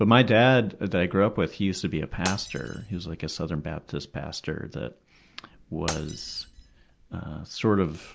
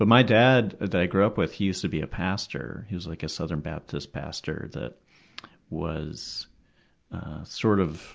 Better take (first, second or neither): second